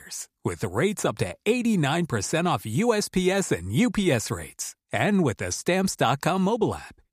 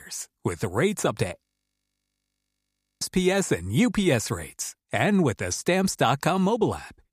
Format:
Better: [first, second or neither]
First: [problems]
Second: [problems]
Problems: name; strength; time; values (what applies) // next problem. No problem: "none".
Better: first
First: none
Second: audio freezing; at 1.5 s for 1.5 s